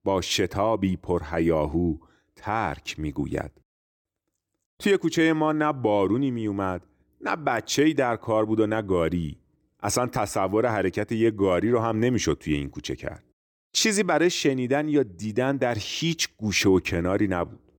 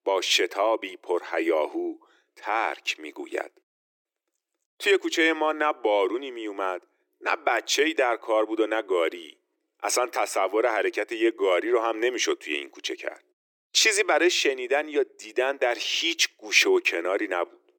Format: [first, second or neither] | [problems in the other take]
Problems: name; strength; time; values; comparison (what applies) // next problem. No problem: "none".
first | thin; very; fading below 350 Hz